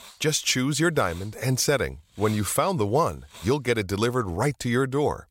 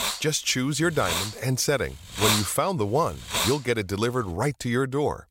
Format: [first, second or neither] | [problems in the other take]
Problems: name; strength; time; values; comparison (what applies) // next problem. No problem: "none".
first | hiss; loud; until 4.5 s; 1 dB below the speech; faint in the first